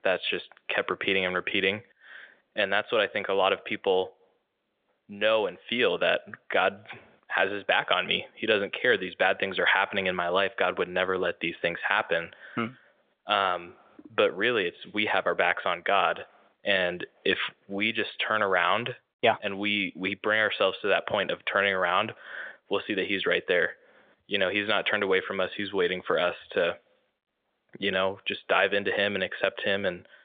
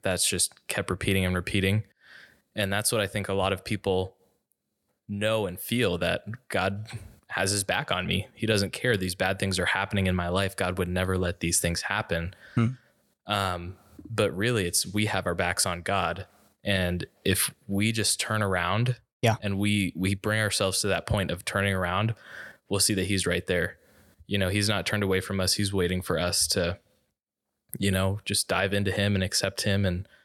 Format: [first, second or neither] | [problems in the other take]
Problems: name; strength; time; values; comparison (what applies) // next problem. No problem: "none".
second | phone-call audio; nothing above 3.5 kHz